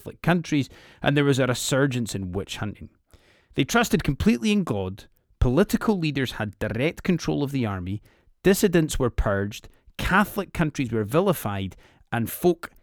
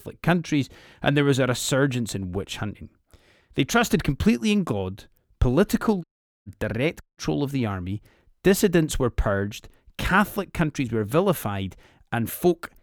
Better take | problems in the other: first | audio cutting out; at 6 s and at 7 s

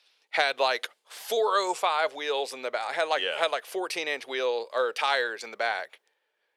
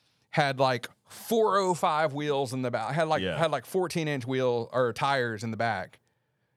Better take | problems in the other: second | thin; very; fading below 400 Hz

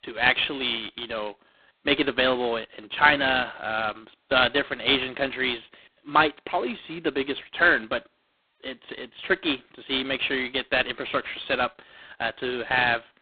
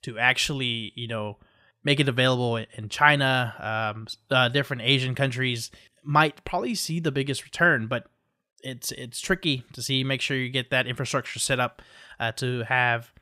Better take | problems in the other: second | phone-call audio; poor line; nothing above 3.5 kHz

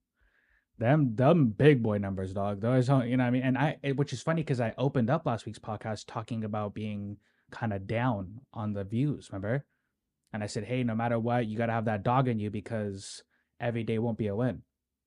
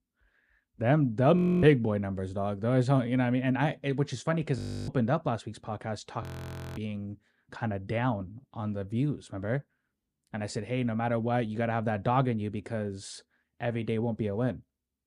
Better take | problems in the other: first | audio freezing; at 1.5 s, at 4.5 s and at 6 s for 0.5 s

